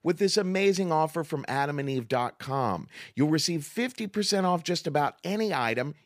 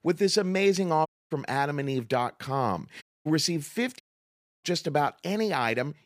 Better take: first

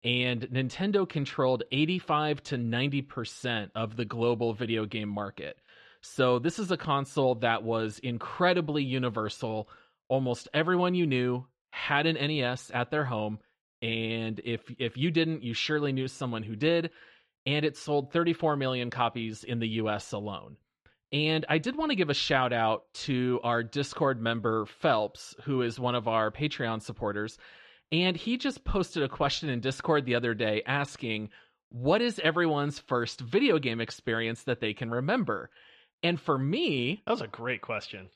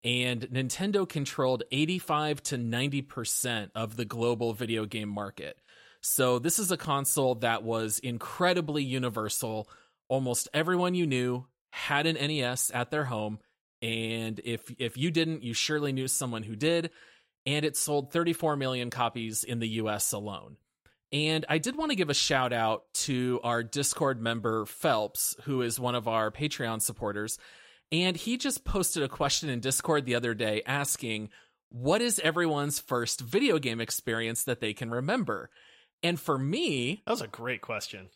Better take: second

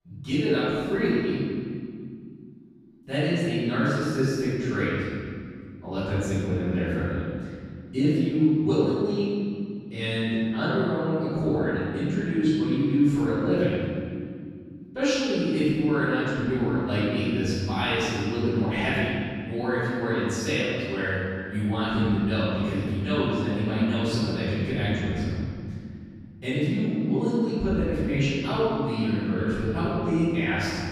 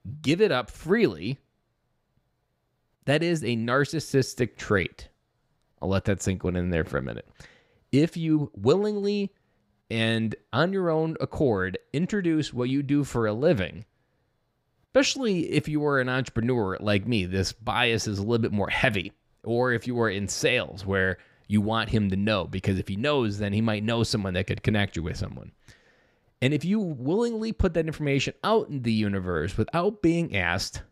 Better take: second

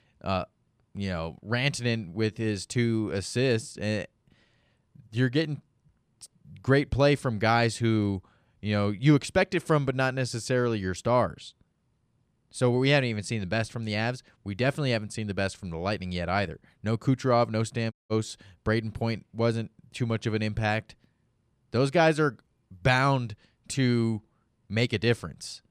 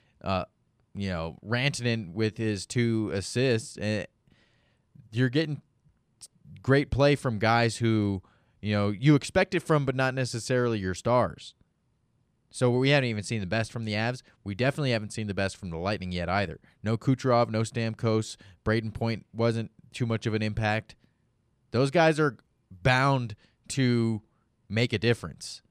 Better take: second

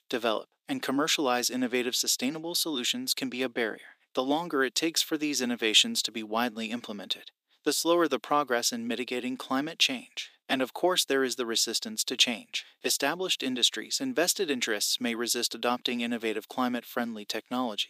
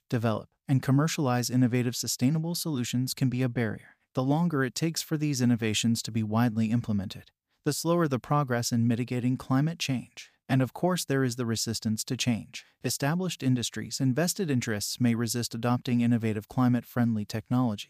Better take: second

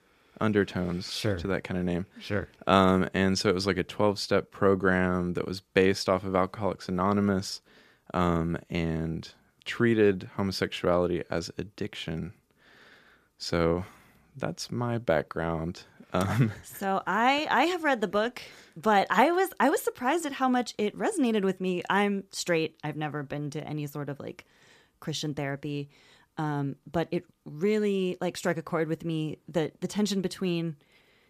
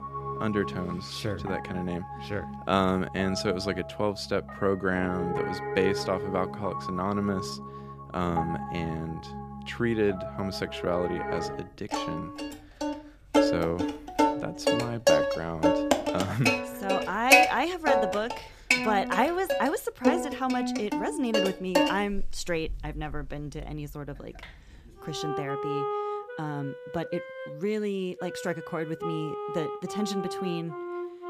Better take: first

